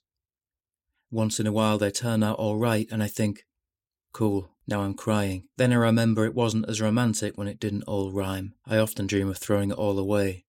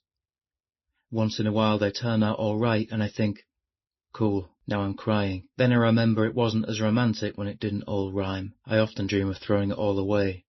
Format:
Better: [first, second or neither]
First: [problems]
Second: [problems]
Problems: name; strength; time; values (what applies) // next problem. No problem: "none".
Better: first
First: none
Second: garbled, watery; slightly; nothing above 6 kHz